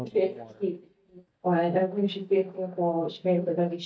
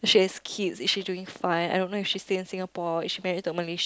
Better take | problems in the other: second | noise reduction (neural mask model DeepFilterNet 3)

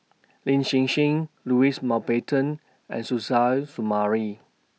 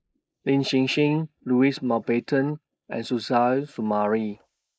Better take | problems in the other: first | noise reduction (neural mask model Resemble Enhance denoiser)

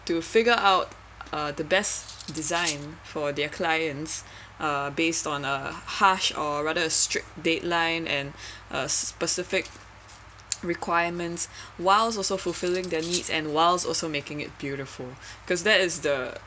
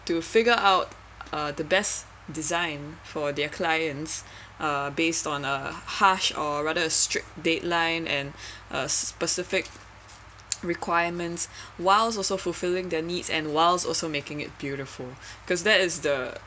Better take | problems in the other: second | background sound (Cutlery, silverware); 11 dB below the speech

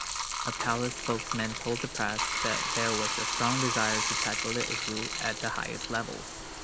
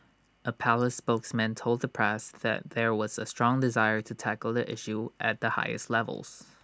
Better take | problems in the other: second | background sound (Bathtub (filling or washing)); 1 dB above the speech

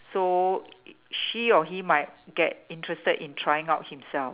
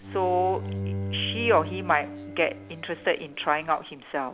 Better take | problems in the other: first | background sound (Bowed string instrument); 9 dB below the speech

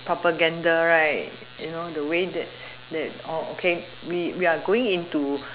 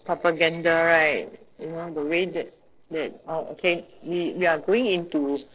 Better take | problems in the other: first | noise reduction (neural separator model SepFormer DNS4)

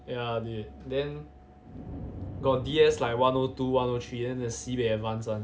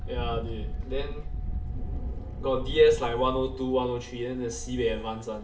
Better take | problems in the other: first | background sound (Wind); 6 dB below the speech // room echo; dies away in 0.6 s

